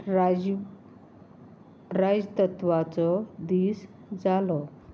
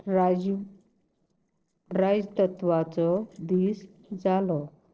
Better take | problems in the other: first | noise reduction (neural separator model SepFormer DNS4)

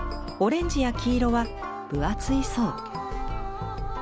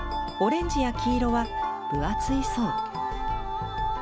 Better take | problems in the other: first | background sound (Glass); 3 dB below the speech

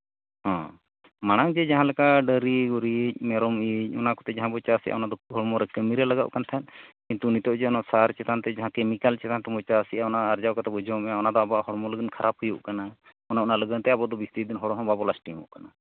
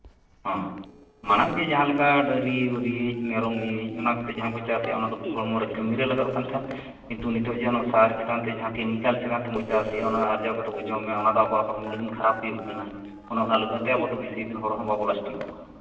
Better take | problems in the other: first | noise reduction (neural separator model SepFormer DNS4)

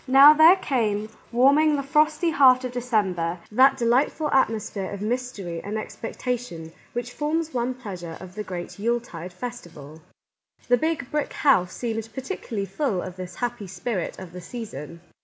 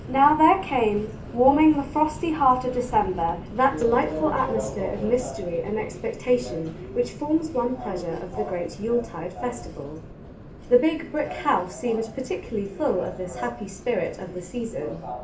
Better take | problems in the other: first | background sound (Subway, metro, underground); 11 dB below the speech // room echo; dies away in 0.3 s

